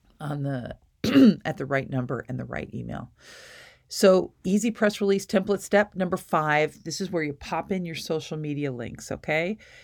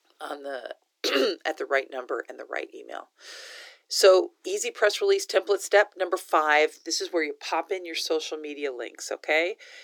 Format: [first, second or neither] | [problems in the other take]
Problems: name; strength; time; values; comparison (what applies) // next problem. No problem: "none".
first | thin; very; fading below 300 Hz